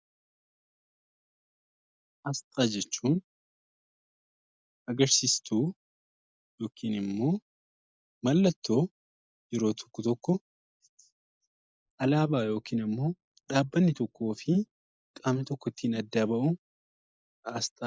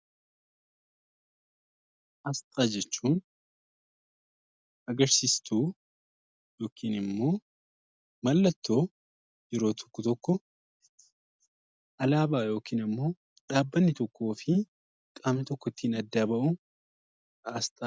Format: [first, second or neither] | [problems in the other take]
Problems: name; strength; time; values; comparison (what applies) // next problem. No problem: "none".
second | noise reduction (neural mask model Resemble Enhance denoiser)